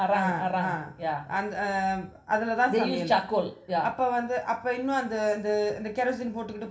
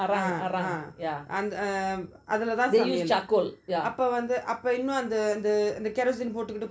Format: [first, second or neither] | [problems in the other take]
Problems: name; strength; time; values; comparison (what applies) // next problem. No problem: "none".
second | room echo; dies away in 0.6 s